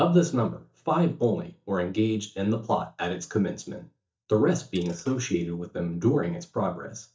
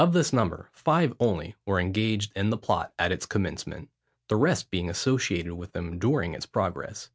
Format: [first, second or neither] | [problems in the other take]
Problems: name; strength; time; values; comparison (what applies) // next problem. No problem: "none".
second | noise reduction (neural mask model DeepFilterNet 3)